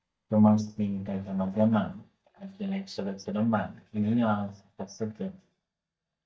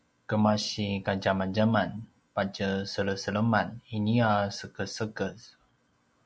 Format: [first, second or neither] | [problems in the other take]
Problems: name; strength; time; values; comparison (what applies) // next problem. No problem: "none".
second | noise reduction (neural mask model DeepFilterNet 3)